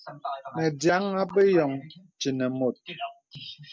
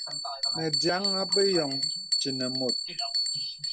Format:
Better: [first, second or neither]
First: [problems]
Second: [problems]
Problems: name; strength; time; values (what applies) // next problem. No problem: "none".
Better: first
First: none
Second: background sound (Bell); 2 dB above the speech